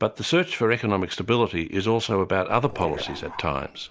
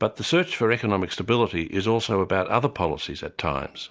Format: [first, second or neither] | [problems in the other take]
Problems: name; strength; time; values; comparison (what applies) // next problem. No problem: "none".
second | background sound (Dog); 13 dB below the speech